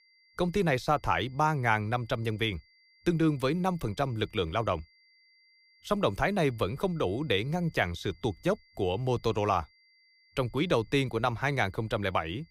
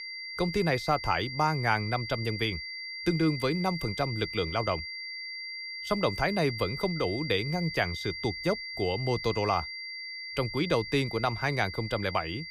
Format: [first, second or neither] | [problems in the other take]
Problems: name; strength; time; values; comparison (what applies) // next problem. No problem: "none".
first | high-pitched whine; loud; throughout; 2 kHz, 7 dB below the speech; faint in the first